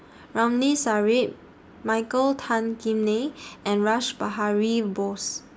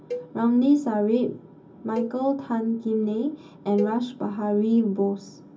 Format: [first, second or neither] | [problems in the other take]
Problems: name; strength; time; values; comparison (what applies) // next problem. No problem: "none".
first | background sound (Cowbell); 16 dB below the speech // room echo; dies away in 0.4 s